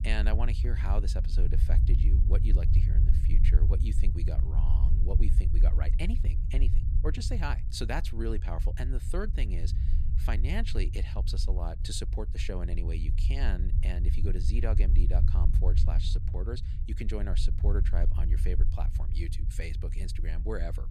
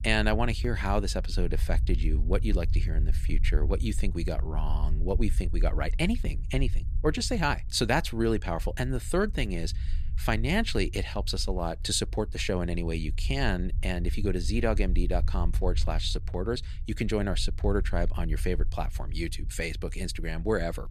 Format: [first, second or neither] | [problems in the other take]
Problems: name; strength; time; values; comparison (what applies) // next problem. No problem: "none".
second | low rumble; loud; throughout; 7 dB below the speech; faint in the second